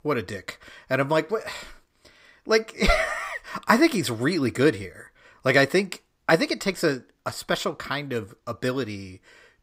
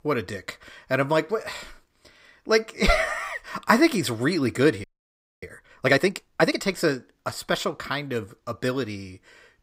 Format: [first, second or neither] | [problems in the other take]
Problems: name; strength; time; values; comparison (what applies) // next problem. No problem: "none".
first | audio freezing; at 5 s for 0.5 s